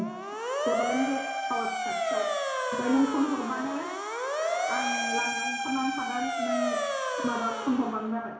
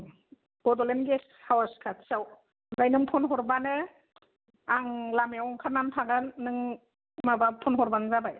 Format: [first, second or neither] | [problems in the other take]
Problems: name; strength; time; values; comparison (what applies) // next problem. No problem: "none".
second | background sound (Motor vehicle (road) / Siren); 1 dB above the speech // room echo; dies away in 0.7 s